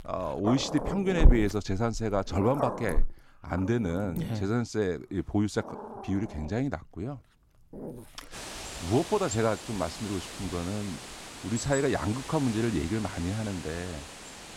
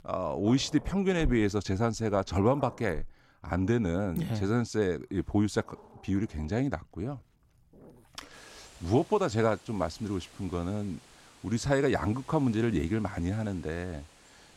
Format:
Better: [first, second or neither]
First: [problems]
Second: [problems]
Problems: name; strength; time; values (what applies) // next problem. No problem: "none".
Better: second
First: animal sounds; loud; throughout; 6 dB below the speech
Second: animal sounds; faint; throughout; 20 dB below the speech